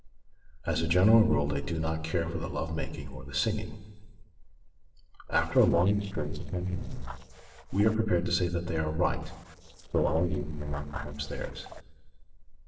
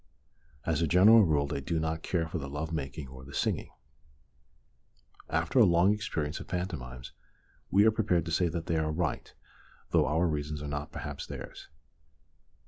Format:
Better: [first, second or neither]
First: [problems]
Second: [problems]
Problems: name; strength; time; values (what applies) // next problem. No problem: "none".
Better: second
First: noise reduction (neural separator model SepFormer DNS4)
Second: none